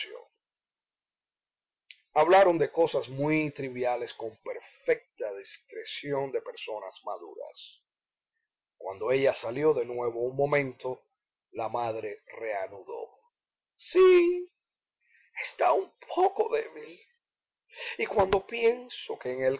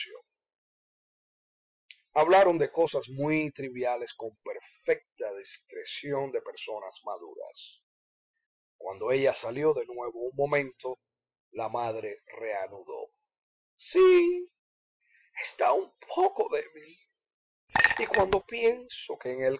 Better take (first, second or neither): first